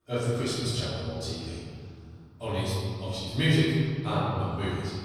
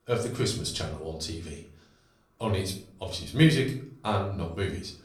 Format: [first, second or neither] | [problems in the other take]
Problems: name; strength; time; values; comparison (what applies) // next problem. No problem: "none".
second | room echo; strong; dies away in 2.4 s; slight in the second // off-mic speech; far; far in the second